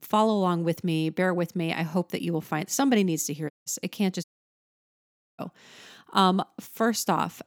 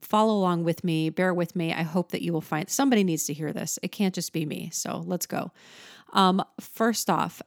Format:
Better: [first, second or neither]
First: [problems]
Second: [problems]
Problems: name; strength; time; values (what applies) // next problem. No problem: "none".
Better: second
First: audio cutting out; at 3.5 s and at 4 s for 1 s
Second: none